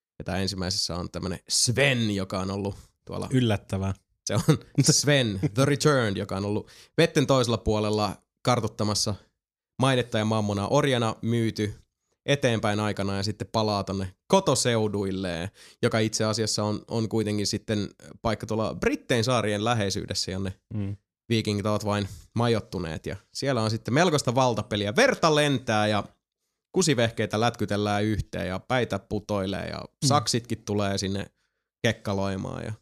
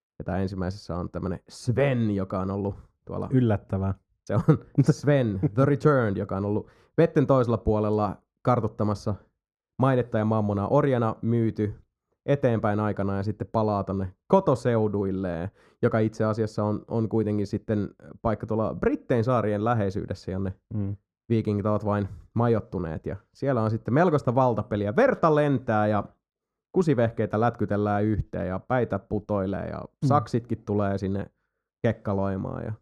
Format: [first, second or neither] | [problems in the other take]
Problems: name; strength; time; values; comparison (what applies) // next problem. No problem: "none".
first | muffled; very; fading above 2 kHz